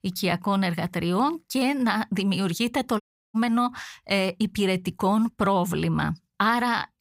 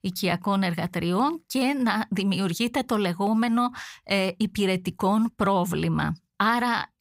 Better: second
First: audio cutting out; at 3 s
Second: none

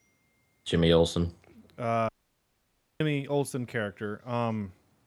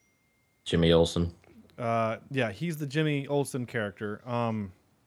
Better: second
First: audio cutting out; at 2 s for 1 s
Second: none

